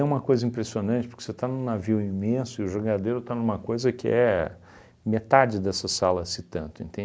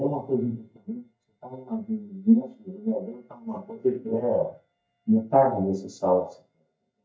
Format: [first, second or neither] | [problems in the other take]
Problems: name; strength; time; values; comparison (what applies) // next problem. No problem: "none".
first | noise reduction (neural mask model DeepFilterNet 3)